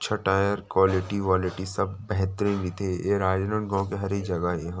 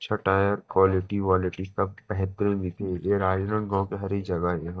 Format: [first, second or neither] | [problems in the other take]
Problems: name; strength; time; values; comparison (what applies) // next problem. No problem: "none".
first | noise reduction (neural mask model DeepFilterNet 3)